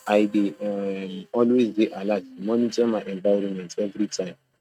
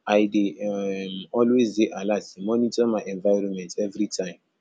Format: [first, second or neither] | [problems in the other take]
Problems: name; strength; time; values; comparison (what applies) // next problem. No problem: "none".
second | noise reduction (neural mask model RNNoise)